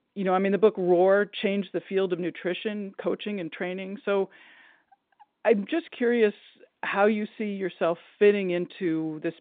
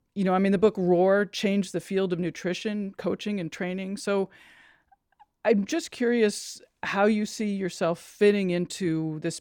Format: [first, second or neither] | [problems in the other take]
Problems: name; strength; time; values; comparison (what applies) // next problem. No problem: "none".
second | phone-call audio; nothing above 3.5 kHz